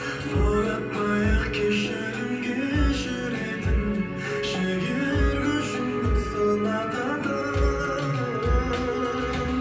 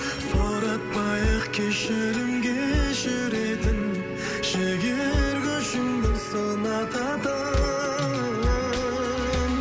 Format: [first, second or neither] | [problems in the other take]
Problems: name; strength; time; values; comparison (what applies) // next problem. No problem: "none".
second | room echo; dies away in 0.6 s